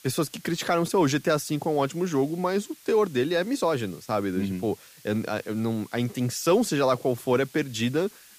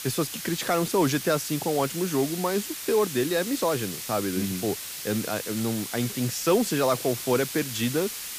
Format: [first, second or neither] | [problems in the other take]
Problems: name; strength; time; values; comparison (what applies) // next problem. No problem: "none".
first | hiss; loud; throughout; 6 dB below the speech; faint in the first